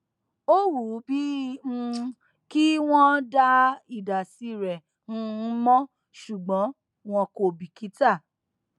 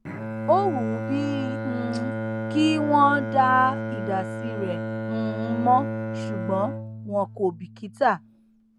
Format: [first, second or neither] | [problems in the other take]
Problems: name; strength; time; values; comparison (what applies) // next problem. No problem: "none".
first | background sound (Bowed string instrument); 5 dB below the speech